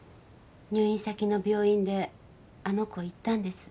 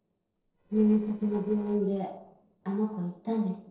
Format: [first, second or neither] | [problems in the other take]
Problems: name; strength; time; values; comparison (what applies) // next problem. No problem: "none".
first | noise reduction (neural separator model SepFormer DNS4)